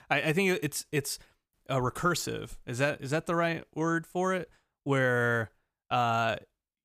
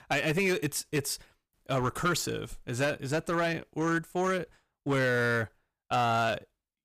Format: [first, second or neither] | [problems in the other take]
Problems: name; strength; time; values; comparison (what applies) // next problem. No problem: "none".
first | distortion; slight; 7% of the sound clipped